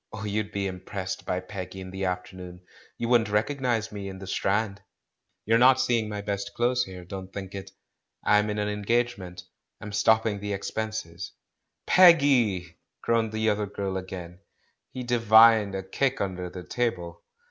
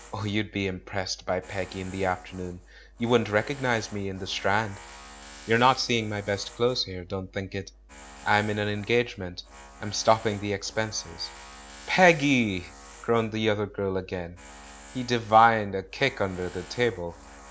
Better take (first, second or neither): first